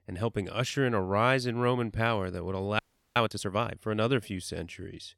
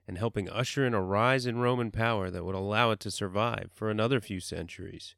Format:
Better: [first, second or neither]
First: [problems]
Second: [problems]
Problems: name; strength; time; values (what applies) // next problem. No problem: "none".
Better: second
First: audio freezing; at 3 s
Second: none